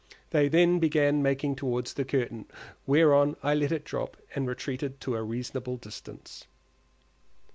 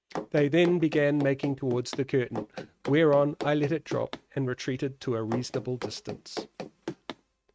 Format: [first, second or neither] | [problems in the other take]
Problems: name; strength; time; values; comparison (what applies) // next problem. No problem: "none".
first | noise reduction (neural mask model RNNoise)